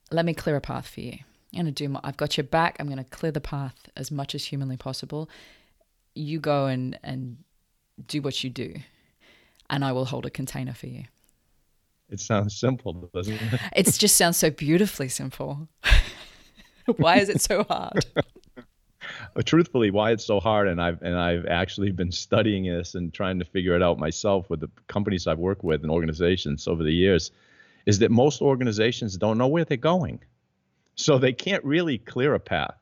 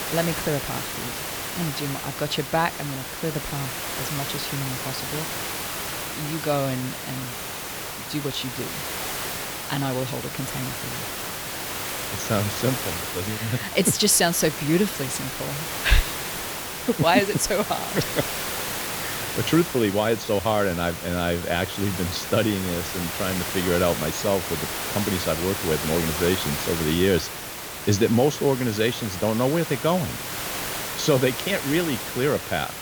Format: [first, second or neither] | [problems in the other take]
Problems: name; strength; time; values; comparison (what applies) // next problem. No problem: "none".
first | hiss; loud; throughout; 4 dB below the speech